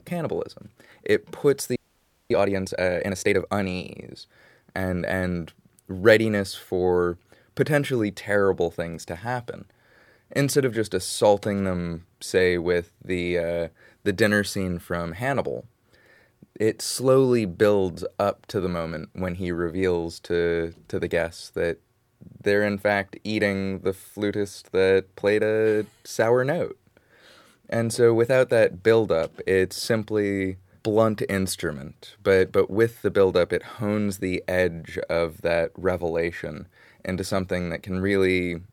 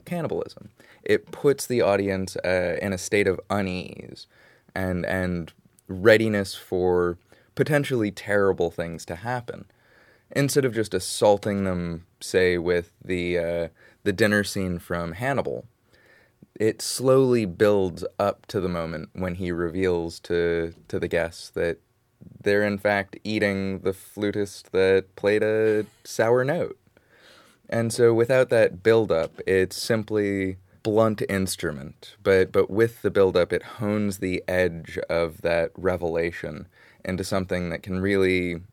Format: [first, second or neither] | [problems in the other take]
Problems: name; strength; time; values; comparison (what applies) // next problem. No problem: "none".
second | audio freezing; at 2 s for 0.5 s